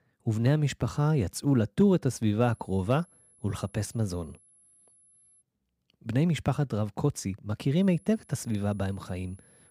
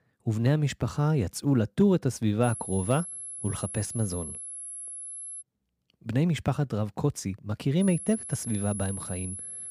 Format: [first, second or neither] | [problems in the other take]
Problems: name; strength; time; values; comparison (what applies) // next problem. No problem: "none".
first | high-pitched whine; loud; from 2.5 to 5.5 s and from 8 s on; 11 kHz, 8 dB below the speech; faint in the first